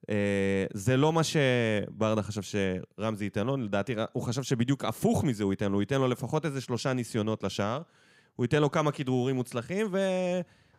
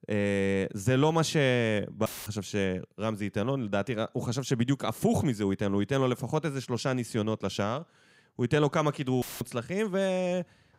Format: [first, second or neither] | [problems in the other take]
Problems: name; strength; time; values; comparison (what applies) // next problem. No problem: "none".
first | audio cutting out; filled with static; at 2 s and at 9 s